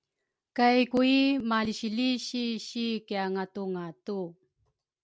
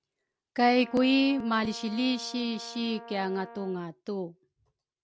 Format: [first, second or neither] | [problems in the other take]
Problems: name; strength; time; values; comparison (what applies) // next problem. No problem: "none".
first | background sound (Brass instrument); 18 dB below the speech